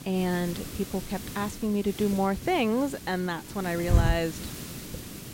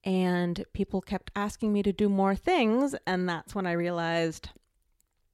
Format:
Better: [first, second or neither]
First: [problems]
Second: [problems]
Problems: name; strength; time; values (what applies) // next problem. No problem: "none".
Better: second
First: hiss; loud; throughout; 5 dB below the speech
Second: none